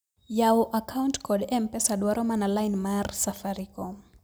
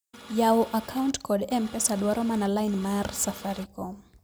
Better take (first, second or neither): first